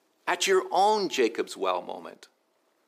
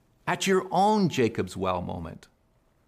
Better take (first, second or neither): second